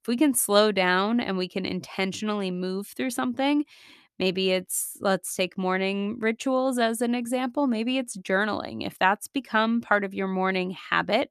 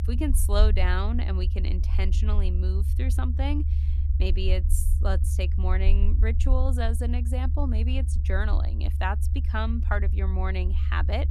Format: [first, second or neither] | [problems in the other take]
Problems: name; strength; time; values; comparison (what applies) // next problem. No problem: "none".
first | low rumble; noticeable; throughout; 10 dB below the speech